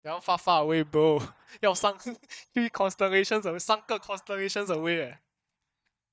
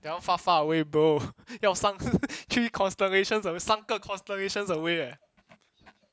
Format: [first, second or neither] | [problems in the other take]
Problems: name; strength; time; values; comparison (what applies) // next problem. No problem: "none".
second | noise reduction (neural mask model DeepFilterNet 3)